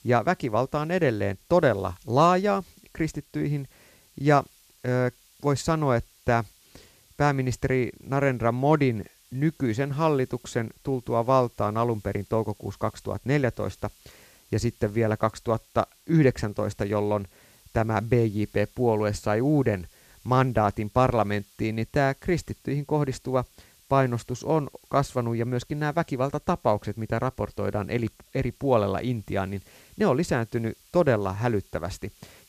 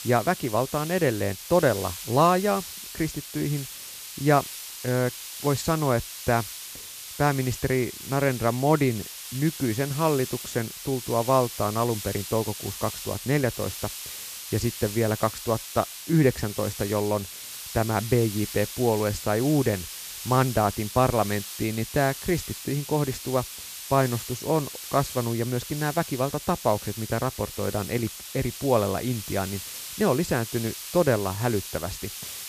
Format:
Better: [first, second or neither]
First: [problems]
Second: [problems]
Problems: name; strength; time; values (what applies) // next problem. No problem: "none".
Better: first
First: hiss; faint; throughout; 30 dB below the speech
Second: hiss; loud; throughout; 9 dB below the speech